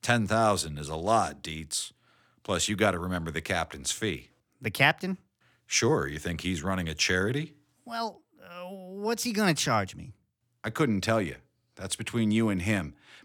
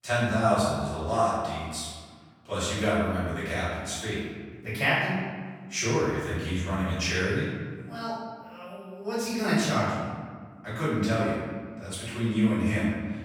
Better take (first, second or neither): first